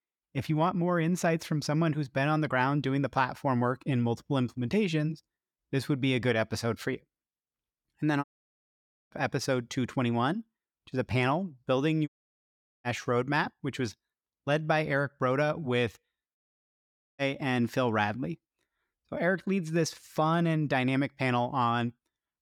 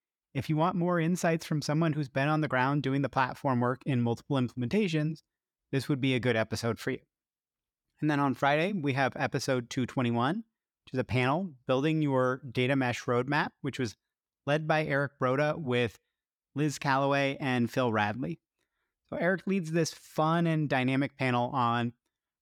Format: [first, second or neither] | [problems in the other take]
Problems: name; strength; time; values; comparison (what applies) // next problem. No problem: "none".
second | audio cutting out; at 8 s for 1 s, at 12 s for 1 s and at 16 s for 1 s